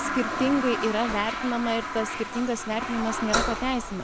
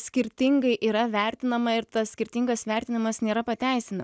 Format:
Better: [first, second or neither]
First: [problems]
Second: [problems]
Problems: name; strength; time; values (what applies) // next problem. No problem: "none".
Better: second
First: background sound (Toilet flush); 3 dB below the speech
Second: none